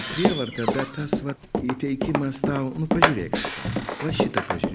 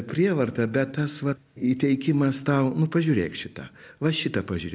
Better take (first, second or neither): second